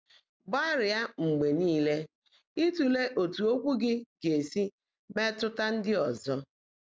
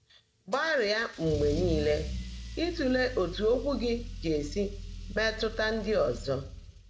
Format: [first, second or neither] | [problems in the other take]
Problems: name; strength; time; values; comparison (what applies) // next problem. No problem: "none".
first | background sound (Engine starting / Accelerating, revving, vroom / Car); 8 dB below the speech // room echo; dies away in 0.4 s